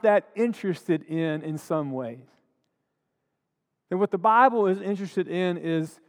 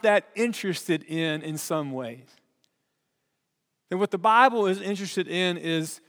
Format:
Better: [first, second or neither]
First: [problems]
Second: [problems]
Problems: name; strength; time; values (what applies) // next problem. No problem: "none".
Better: second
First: muffled; slightly; fading above 2 kHz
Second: none